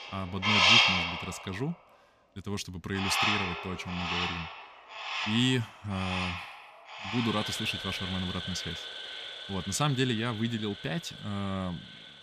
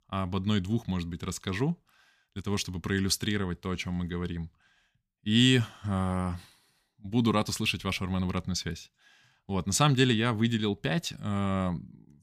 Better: second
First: animal sounds; very loud; throughout; 4 dB above the speech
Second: none

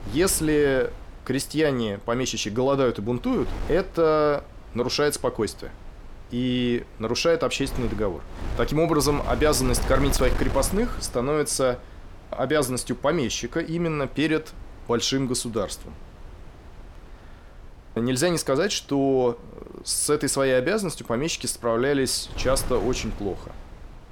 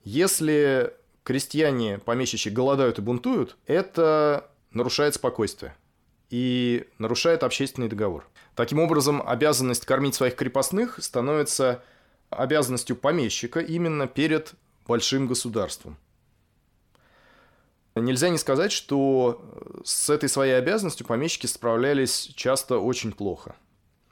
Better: second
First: wind noise on the microphone; occasional gusts; 15 dB below the speech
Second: none

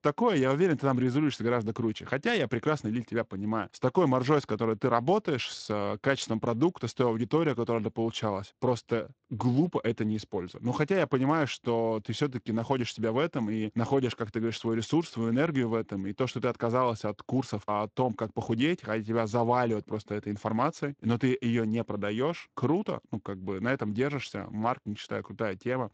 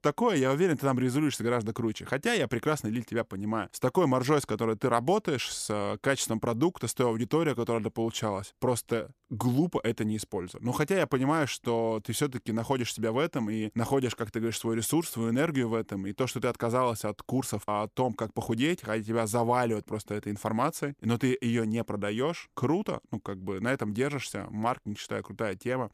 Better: second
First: garbled, watery; slightly; nothing above 7.5 kHz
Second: none

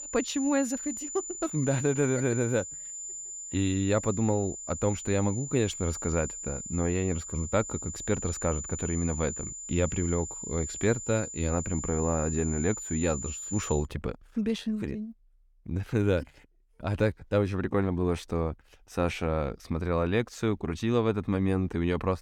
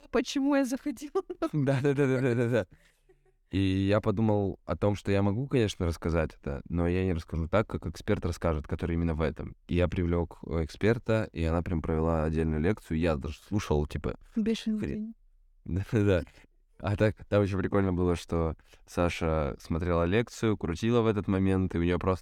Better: second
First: high-pitched whine; loud; until 14 s; 7 kHz, 7 dB below the speech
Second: none

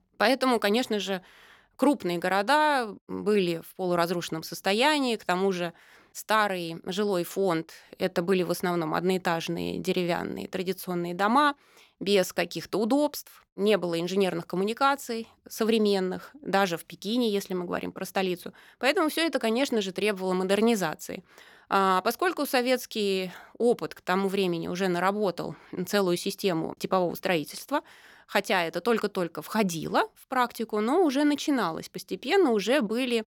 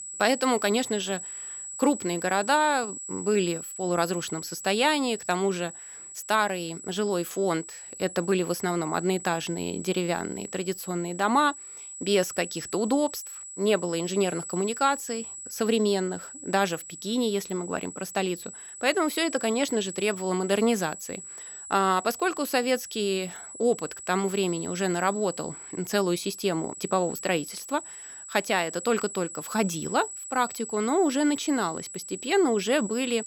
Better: first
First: none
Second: high-pitched whine; noticeable; throughout; 8 kHz, 10 dB below the speech

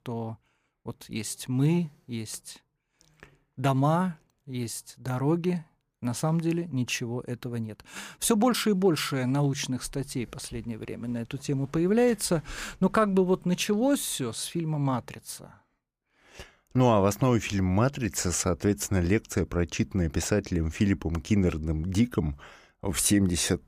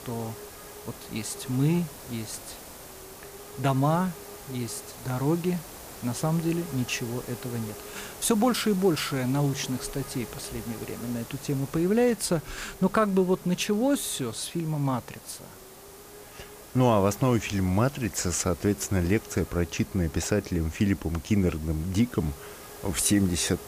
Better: first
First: none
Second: hiss; noticeable; throughout; 15 dB below the speech

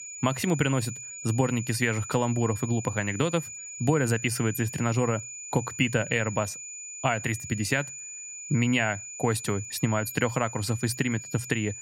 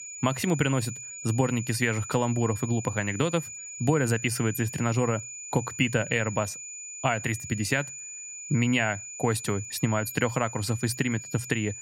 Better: neither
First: high-pitched whine; loud; throughout; 7 kHz, 10 dB below the speech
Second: high-pitched whine; loud; throughout; 7 kHz, 10 dB below the speech

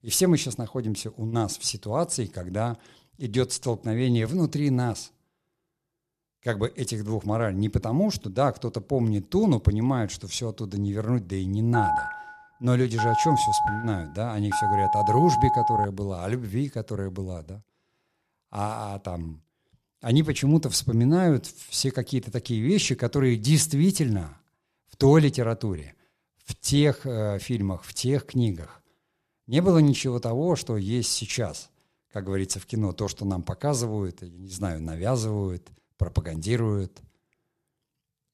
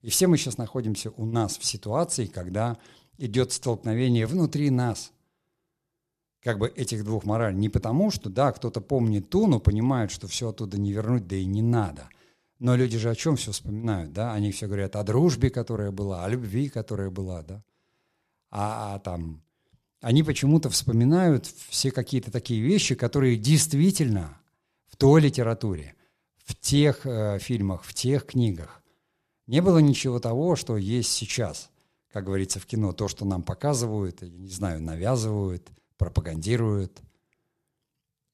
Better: second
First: phone ringing; loud; from 12 to 16 s; peak 3 dB above the speech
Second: none

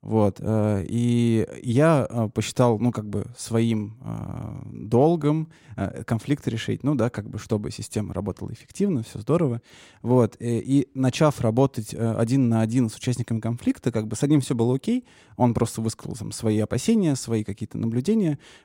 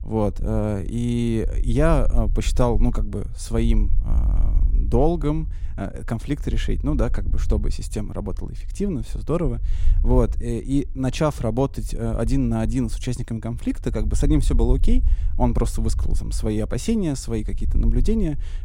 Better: first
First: none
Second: low rumble; faint; throughout; 20 dB below the speech

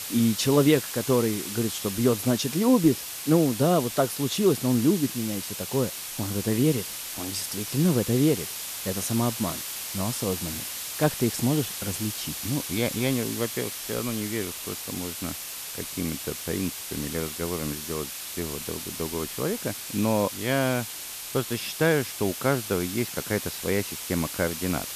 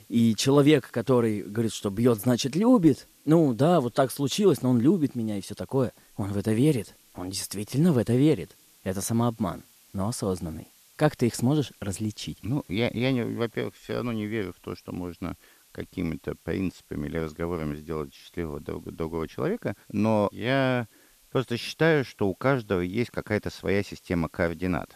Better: second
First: hiss; loud; throughout; 6 dB below the speech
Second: hiss; faint; throughout; 30 dB below the speech

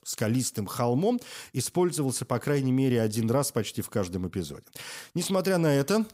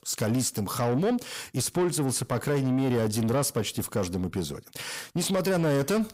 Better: first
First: none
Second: distortion; slight; 10 dB below the speech

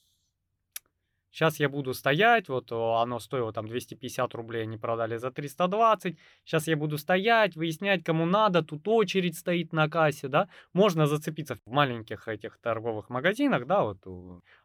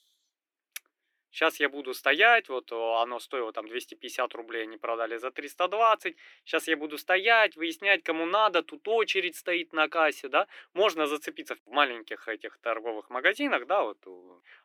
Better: first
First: none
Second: thin; somewhat; fading below 300 Hz

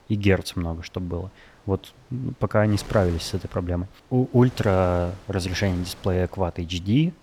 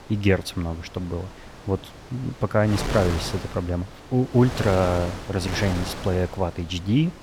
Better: first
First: wind noise on the microphone; occasional gusts; 20 dB below the speech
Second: wind noise on the microphone; heavy; 8 dB below the speech

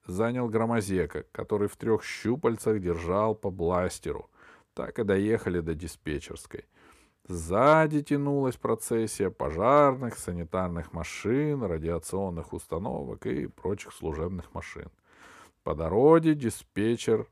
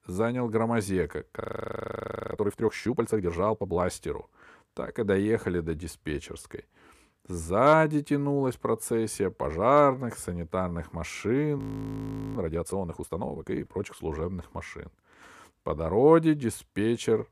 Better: first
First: none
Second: audio freezing; at 1.5 s for 1 s and at 12 s for 1 s

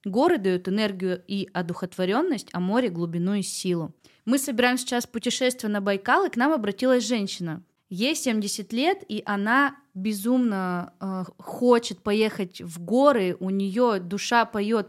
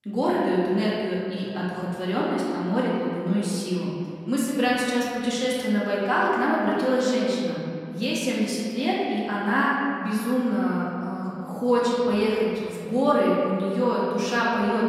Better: first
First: none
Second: room echo; strong; dies away in 2.3 s // off-mic speech; far

